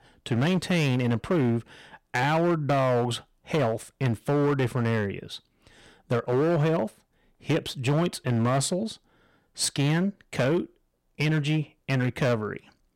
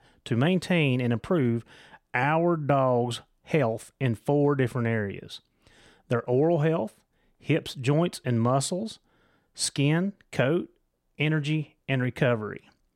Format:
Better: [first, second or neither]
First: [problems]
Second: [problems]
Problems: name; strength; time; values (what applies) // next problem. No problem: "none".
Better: second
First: distortion; slight; 11% of the sound clipped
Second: none